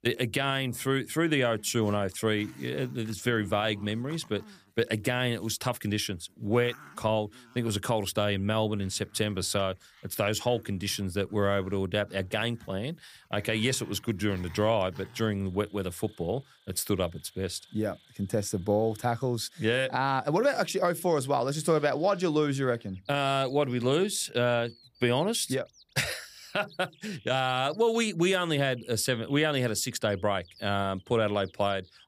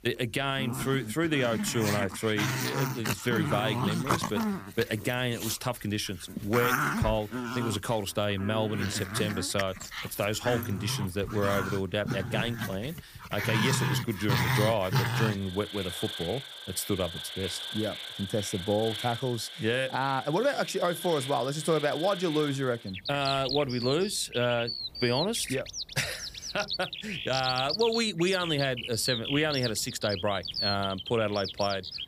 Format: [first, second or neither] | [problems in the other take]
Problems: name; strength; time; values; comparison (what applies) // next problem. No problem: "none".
first | animal sounds; loud; throughout; 3 dB below the speech; faint in the first